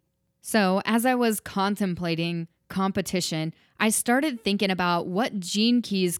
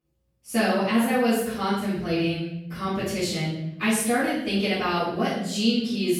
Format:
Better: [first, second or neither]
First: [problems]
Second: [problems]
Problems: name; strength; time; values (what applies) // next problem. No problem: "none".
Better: first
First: none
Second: room echo; strong; dies away in 0.9 s // off-mic speech; far